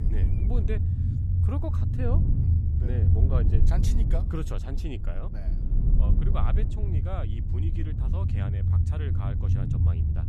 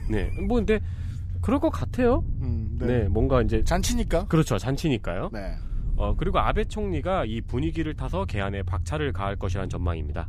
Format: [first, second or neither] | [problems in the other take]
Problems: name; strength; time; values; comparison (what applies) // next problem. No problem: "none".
second | low rumble; loud; throughout; as loud as the speech; faint in the second